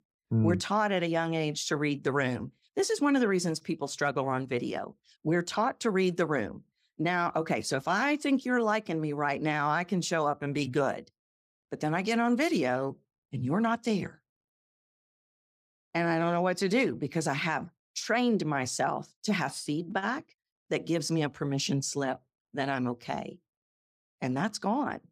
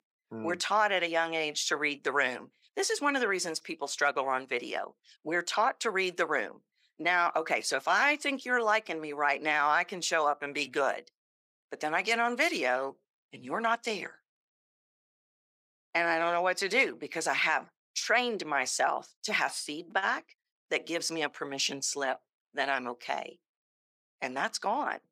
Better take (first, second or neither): first